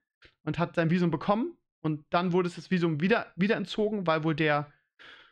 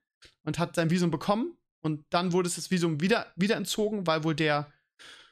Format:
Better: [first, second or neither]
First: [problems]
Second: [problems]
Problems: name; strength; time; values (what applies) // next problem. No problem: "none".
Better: second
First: muffled; slightly; fading above 2.5 kHz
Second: none